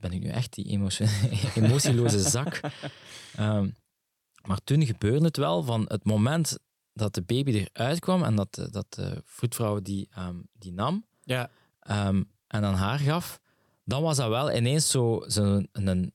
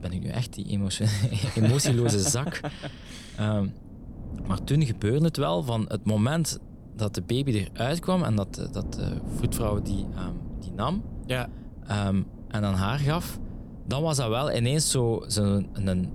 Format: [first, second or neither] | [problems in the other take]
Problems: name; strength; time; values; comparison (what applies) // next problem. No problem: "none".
first | wind noise on the microphone; occasional gusts; 20 dB below the speech